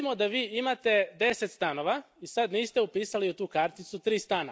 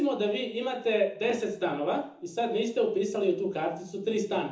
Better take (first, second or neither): first